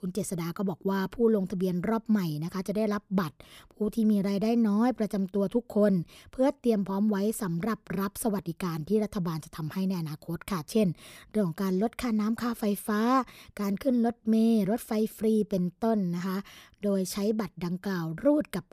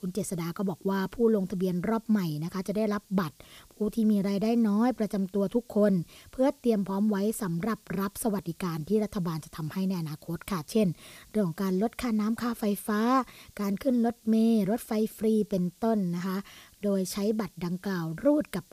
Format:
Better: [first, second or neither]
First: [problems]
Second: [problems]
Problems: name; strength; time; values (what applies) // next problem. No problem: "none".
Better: first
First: none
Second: hiss; faint; throughout; 30 dB below the speech